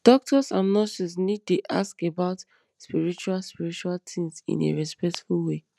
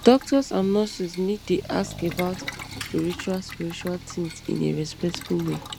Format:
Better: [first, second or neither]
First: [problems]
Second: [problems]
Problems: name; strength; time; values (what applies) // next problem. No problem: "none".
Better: first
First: none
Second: background sound (Accelerating, revving, vroom + Boiling); 13 dB below the speech